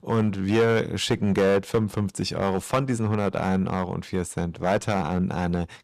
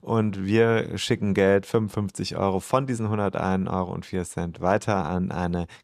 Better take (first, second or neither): second